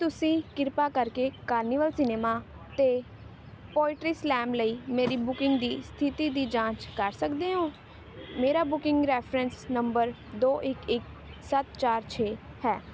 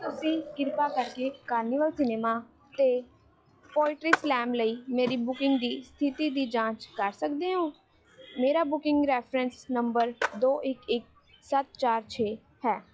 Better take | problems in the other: first | noise reduction (classical method log-MMSE)

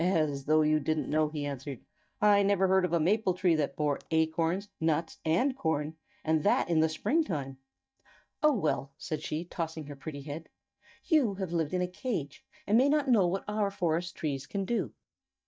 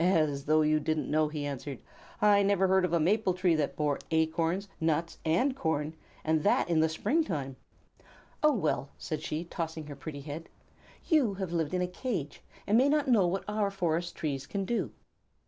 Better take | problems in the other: second | noise reduction (neural mask model DeepFilterNet 3)

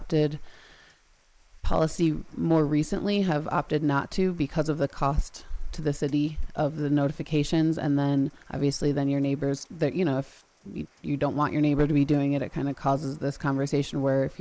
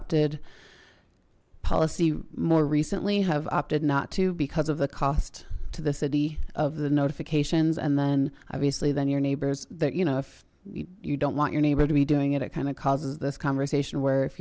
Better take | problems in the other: second | noise reduction (neural mask model Resemble Enhance denoiser)

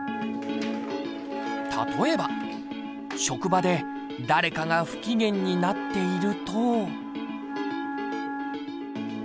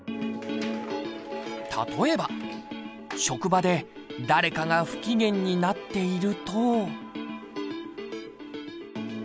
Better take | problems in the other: second | background sound (Wind instrument, woodwind instrument); 6 dB below the speech

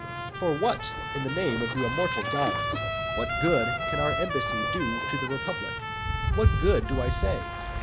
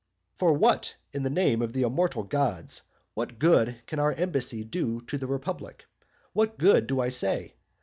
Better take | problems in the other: second | background sound (Trumpet + Waves, surf); 1 dB above the speech

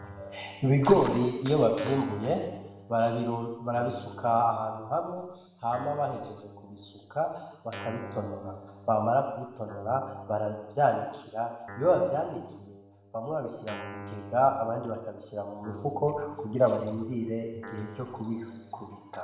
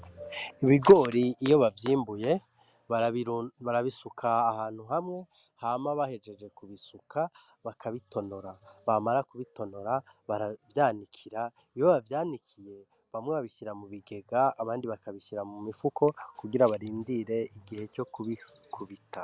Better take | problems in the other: second | background sound (Guitar); 17 dB below the speech // room echo; dies away in 0.9 s

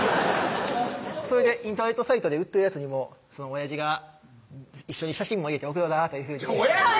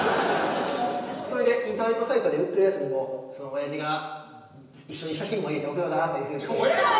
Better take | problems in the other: first | room echo; dies away in 1 s

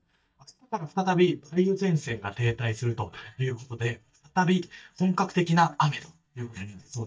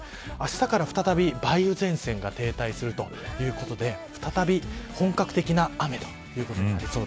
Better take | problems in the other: second | noise reduction (neural mask model DeepFilterNet 3)

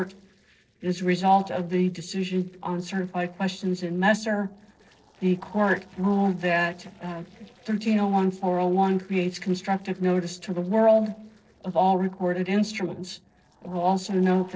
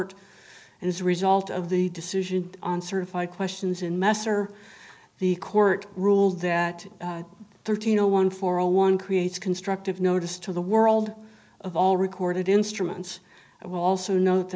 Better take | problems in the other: second | noise reduction (neural separator model SepFormer DNS4)

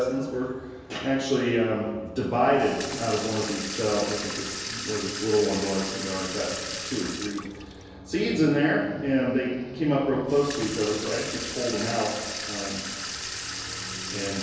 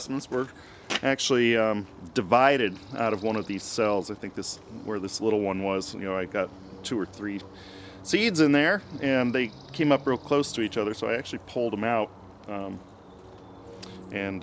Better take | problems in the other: second | background sound (Sink (filling or washing) / Water tap, faucet); 9 dB below the speech // room echo; dies away in 1.2 s

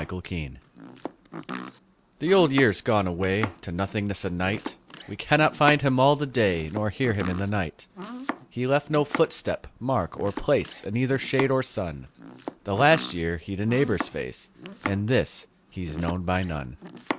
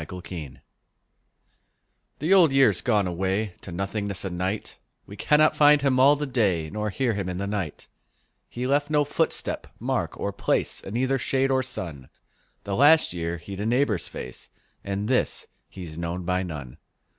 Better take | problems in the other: second | background sound (Domestic sounds, home sounds); 13 dB below the speech

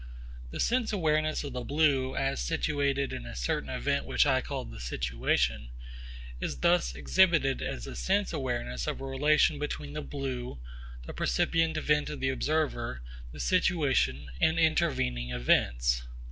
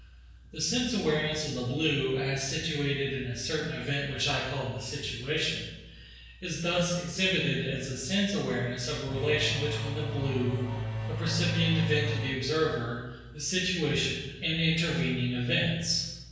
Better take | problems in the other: first | background sound (Engine / Domestic sounds, home sounds); 3 dB below the speech // room echo; dies away in 1 s

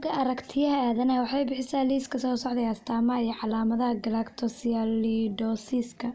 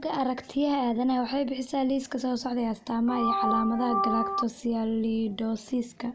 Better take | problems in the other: first | background sound (Organ); as loud as the speech

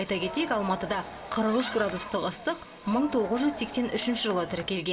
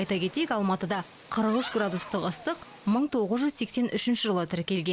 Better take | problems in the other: second | background sound (Crowd); 12 dB below the speech // room echo; dies away in 1.8 s

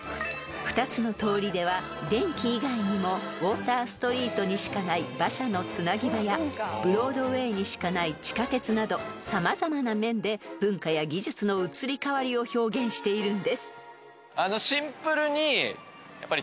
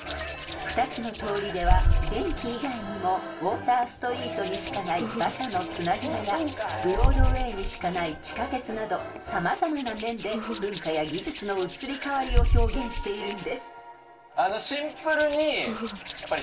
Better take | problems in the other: first | background sound (Hands); 1 dB below the speech // room echo; dies away in 0.2 s

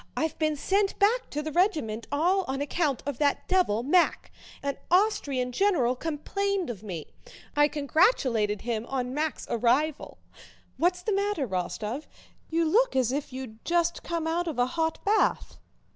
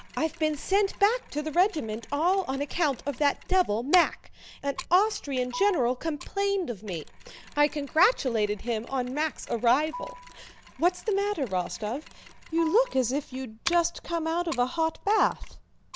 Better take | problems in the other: first | background sound (Mechanisms + Marimba, xylophone); 18 dB below the speech

